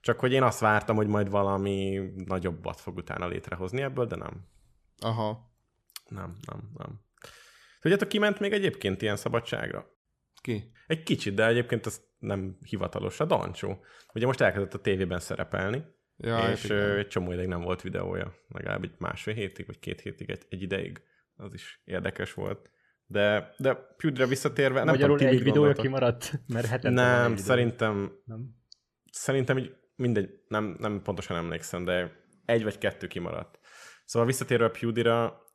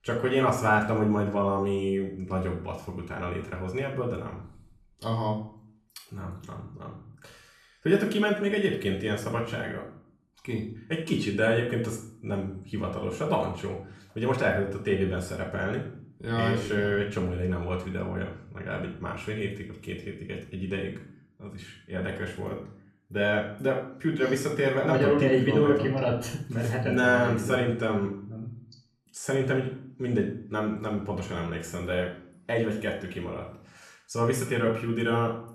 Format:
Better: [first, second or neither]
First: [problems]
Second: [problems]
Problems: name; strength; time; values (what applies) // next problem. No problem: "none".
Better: first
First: none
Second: off-mic speech; far // room echo; slight; dies away in 0.5 s